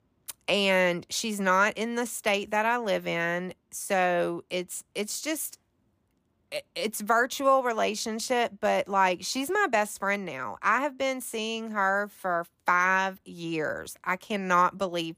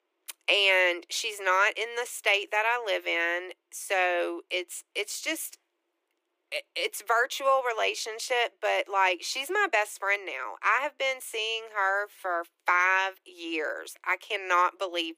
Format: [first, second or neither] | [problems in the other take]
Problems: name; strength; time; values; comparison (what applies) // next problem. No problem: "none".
first | thin; very; fading below 350 Hz